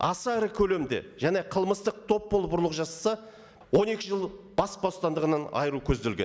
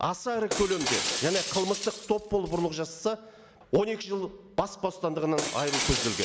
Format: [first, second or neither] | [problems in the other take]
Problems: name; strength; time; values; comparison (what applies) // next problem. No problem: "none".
first | background sound (Shatter); 5 dB below the speech